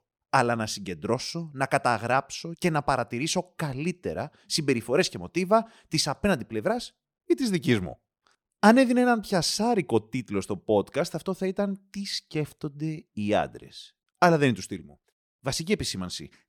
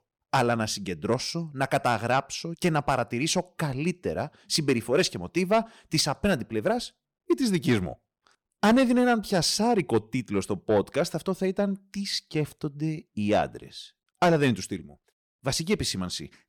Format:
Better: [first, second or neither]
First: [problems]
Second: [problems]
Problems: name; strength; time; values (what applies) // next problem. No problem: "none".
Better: first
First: none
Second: distortion; slight; 10 dB below the speech